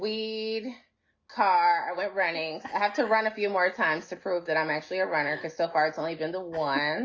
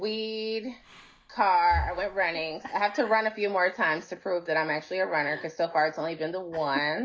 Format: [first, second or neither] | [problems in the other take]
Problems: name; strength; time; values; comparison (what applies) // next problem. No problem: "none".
first | background sound (Breathing); 12 dB below the speech